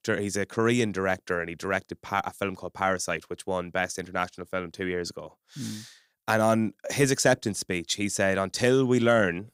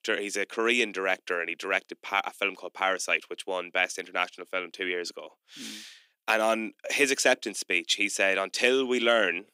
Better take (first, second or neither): first